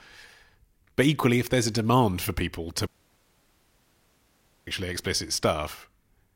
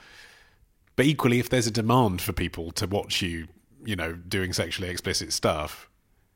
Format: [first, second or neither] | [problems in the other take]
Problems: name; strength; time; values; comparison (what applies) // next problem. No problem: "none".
second | audio cutting out; at 3 s for 2 s